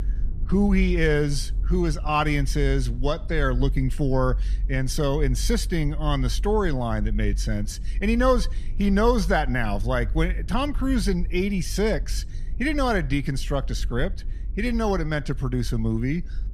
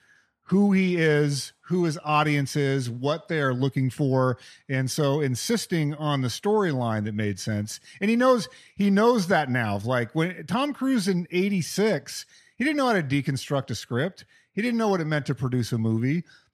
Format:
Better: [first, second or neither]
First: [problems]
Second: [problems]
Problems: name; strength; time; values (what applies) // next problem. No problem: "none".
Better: second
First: low rumble; faint; throughout; 25 dB below the speech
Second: none